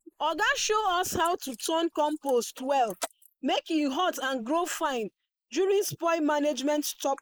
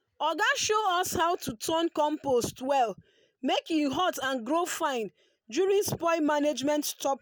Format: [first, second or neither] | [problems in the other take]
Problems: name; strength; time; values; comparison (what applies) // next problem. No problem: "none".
second | noise reduction (neural mask model Resemble Enhance denoiser)